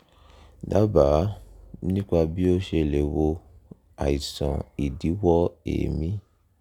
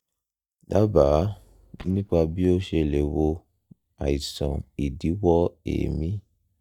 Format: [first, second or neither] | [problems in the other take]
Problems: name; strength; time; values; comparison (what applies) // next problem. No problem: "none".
first | noise reduction (neural mask model DeepFilterNet 3)